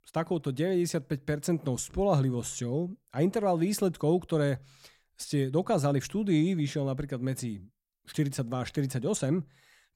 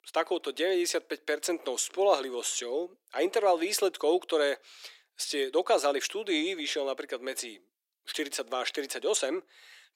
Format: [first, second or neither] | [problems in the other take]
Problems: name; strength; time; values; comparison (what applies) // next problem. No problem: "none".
first | thin; very; fading below 350 Hz